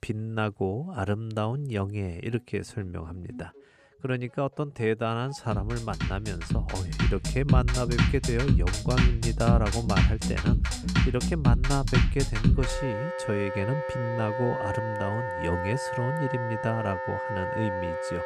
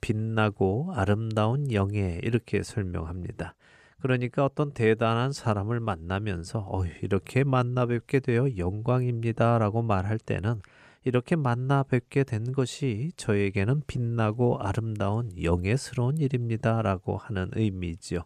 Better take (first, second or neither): second